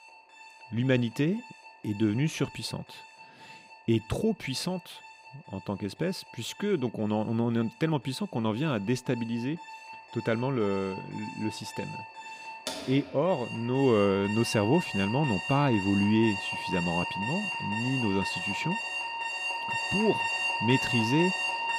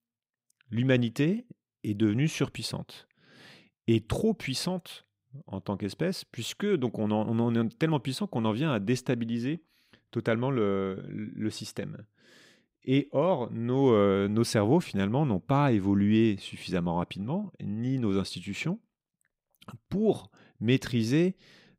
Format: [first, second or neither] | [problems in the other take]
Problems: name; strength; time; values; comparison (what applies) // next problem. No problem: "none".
second | alarms or sirens; loud; throughout; 3 dB below the speech